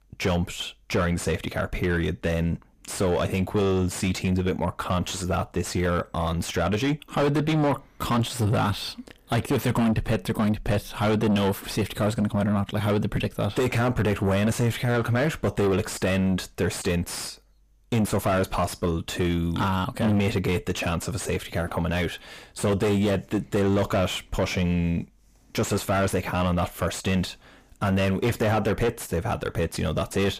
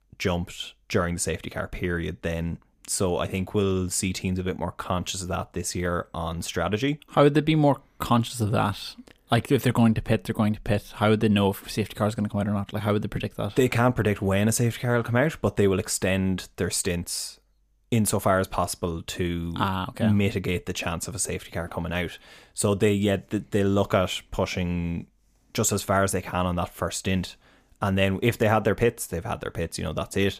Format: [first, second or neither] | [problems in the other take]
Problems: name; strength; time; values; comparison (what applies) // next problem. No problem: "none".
second | distortion; heavy; 6 dB below the speech